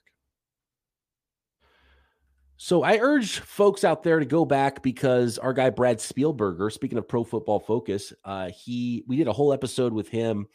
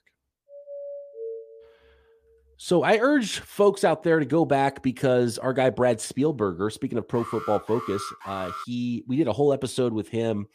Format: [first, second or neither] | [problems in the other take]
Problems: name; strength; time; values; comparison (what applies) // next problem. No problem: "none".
first | doorbell; faint; until 1.5 s; peak 15 dB below the speech // alarm; faint; from 7 to 8.5 s; peak 10 dB below the speech